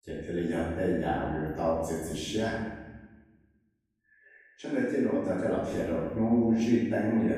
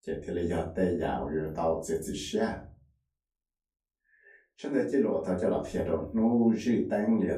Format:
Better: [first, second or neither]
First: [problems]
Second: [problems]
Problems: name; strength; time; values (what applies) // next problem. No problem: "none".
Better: second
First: room echo; strong; dies away in 1.1 s // off-mic speech; far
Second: room echo; slight; dies away in 0.3 s // off-mic speech; far